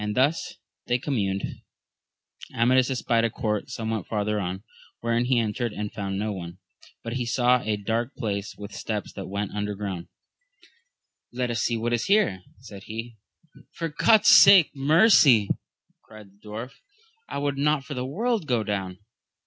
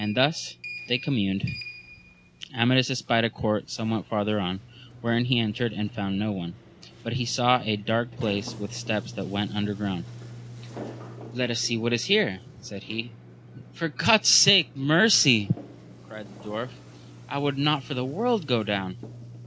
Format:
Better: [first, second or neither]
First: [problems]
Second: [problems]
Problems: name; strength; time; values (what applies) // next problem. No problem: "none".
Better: first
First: none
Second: background sound (Sliding door); 16 dB below the speech